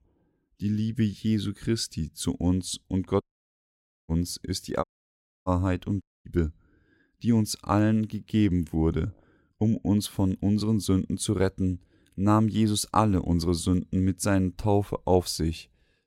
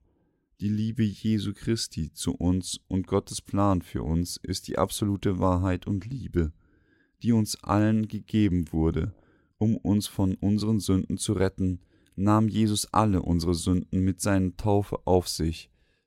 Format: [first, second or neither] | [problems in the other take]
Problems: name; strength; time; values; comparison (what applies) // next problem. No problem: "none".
second | audio cutting out; at 3 s for 1 s, at 5 s for 0.5 s and at 6 s